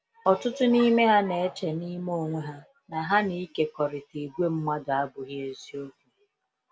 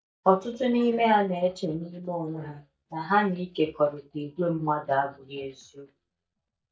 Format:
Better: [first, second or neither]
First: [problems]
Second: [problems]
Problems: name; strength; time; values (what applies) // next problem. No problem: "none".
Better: first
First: none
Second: noise reduction (neural mask model DeepFilterNet 3)